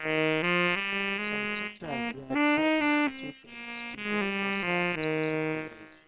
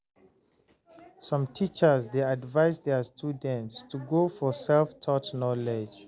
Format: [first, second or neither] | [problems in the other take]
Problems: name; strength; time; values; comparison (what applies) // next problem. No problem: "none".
second | noise reduction (neural separator model SepFormer WHAM!)